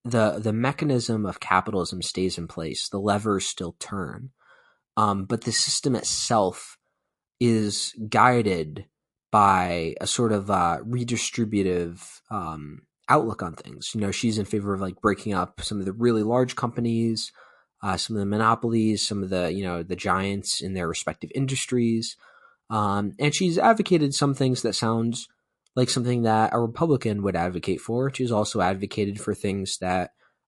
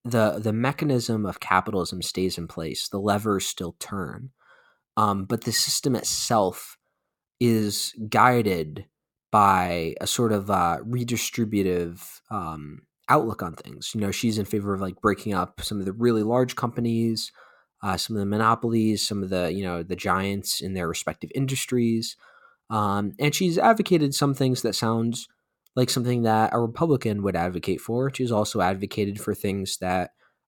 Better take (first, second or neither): second